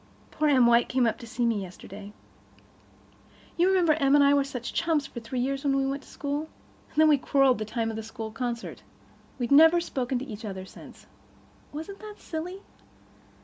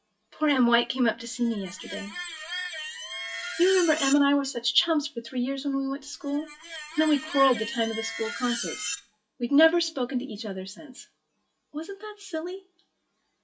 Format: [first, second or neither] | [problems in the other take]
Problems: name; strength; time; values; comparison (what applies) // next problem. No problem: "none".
first | noise reduction (classical method WPE with log-MMSE)